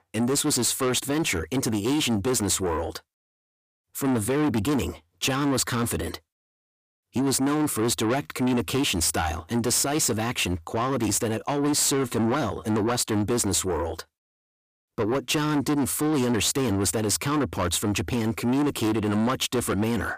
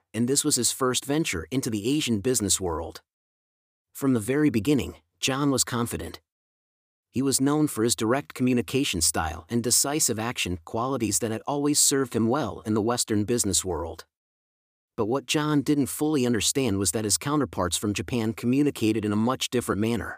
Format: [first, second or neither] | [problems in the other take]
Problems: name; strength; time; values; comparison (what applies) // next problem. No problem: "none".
second | distortion; heavy; 7 dB below the speech